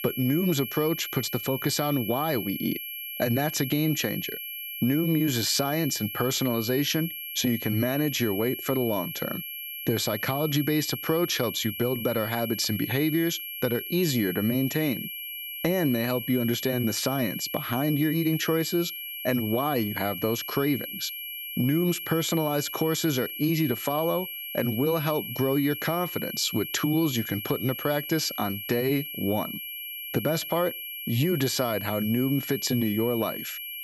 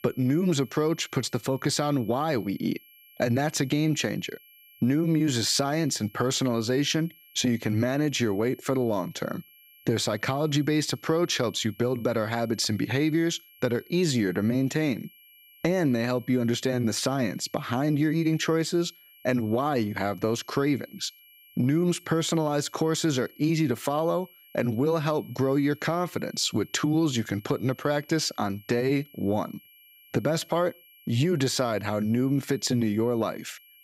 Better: second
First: high-pitched whine; loud; throughout; 2.5 kHz, 6 dB below the speech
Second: high-pitched whine; faint; throughout; 2.5 kHz, 25 dB below the speech

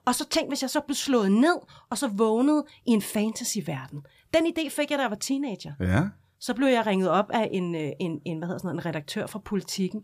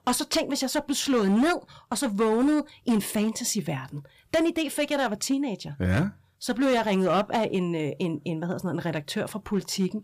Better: first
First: none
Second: distortion; slight; 7% of the sound clipped

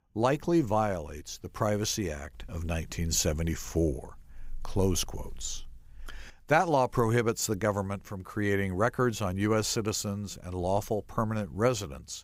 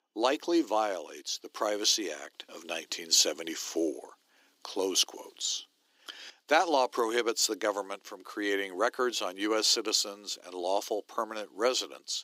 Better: first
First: none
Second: thin; somewhat; fading below 300 Hz

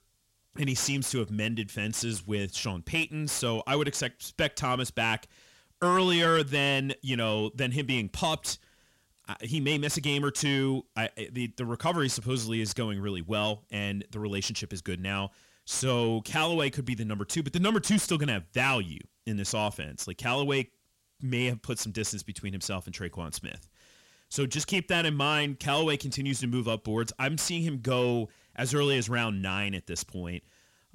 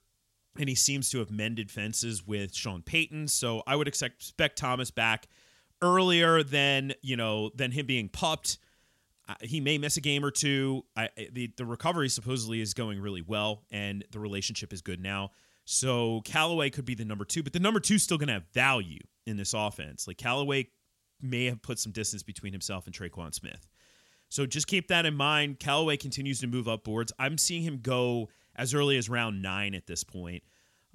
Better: second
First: distortion; slight; 10 dB below the speech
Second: none

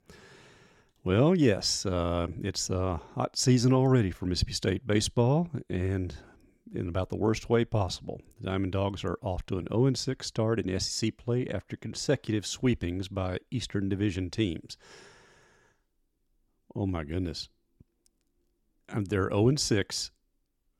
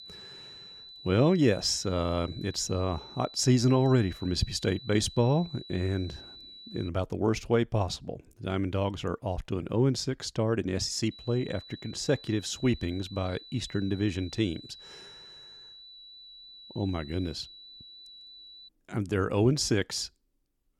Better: first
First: none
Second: high-pitched whine; noticeable; until 7 s and from 11 to 19 s; 4 kHz, 15 dB below the speech

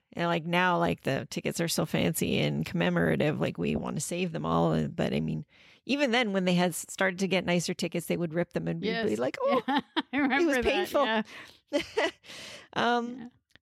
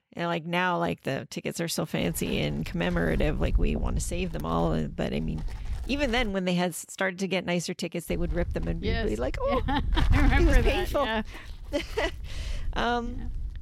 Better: first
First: none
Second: wind noise on the microphone; occasional gusts; from 2 to 6.5 s and from 8 s on; 15 dB below the speech

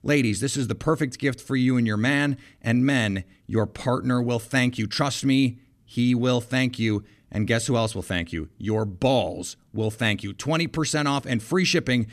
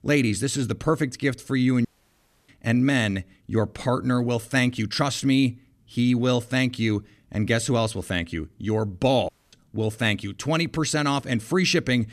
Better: first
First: none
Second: audio cutting out; at 2 s for 0.5 s and at 9.5 s

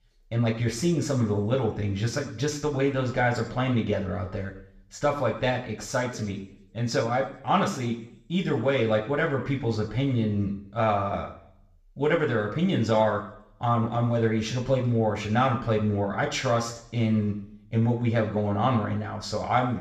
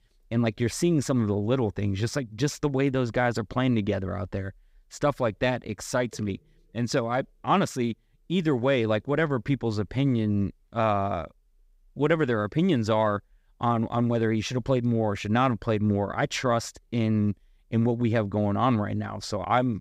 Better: second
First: room echo; slight; dies away in 0.6 s // off-mic speech; far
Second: none

